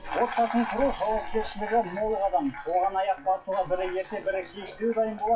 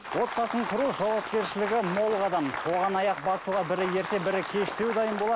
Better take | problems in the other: second | noise reduction (classical method WPE with log-MMSE)

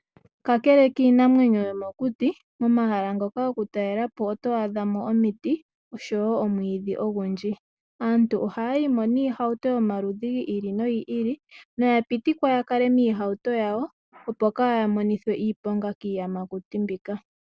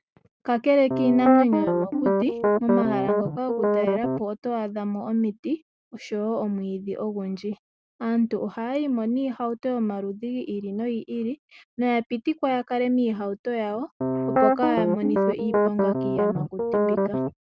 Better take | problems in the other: first | noise reduction (neural mask model RNNoise)

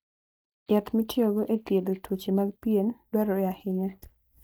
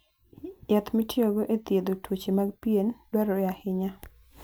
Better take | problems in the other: second | noise reduction (neural mask model DeepFilterNet 3)

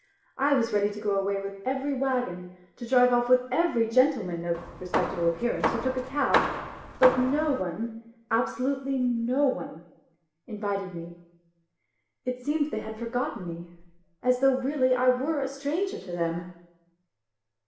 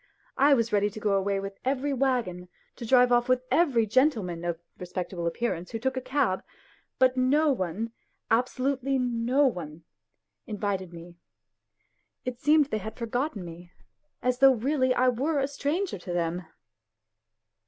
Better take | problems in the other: second | background sound (Hammer); 3 dB below the speech // room echo; dies away in 0.8 s

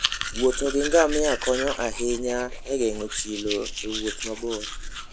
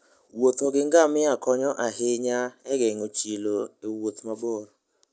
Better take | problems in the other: second | background sound (Domestic sounds, home sounds); 5 dB below the speech

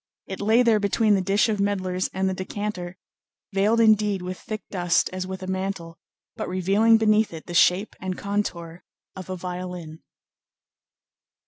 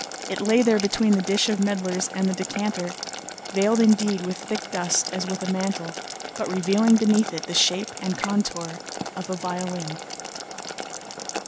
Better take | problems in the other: first | background sound (Boiling); 10 dB below the speech

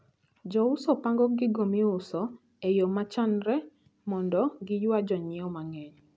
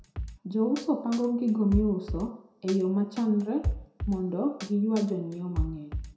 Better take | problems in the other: first | background sound (Drum kit); 8 dB below the speech // room echo; dies away in 0.5 s

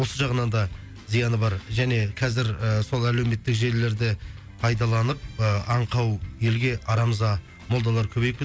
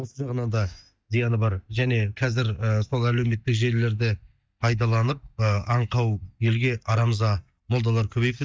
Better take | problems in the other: first | noise reduction (neural mask model DeepFilterNet 3)

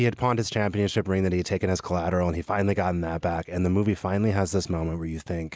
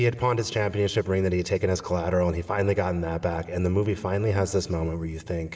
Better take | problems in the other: first | room echo; dies away in 1.7 s

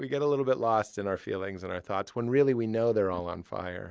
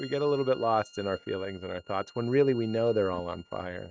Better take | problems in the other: first | noise reduction (neural mask model RNNoise)

